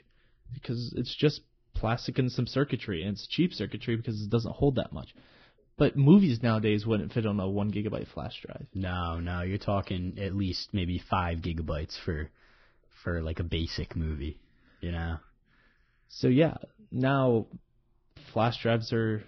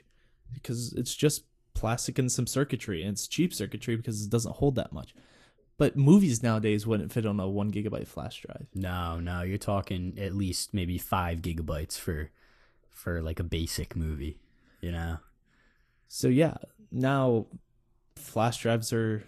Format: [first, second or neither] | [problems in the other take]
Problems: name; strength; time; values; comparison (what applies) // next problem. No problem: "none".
second | garbled, watery; badly; nothing above 5.5 kHz; slightly in the second